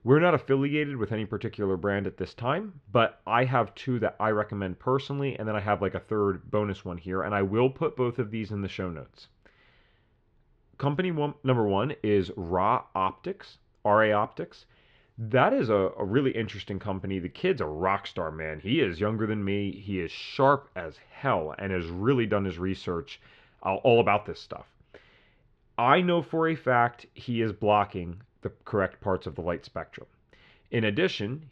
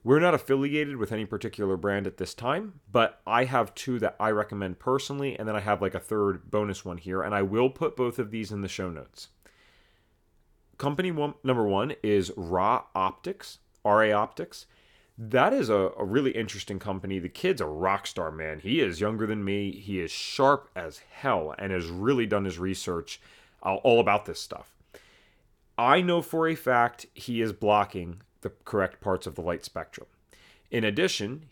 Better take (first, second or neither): second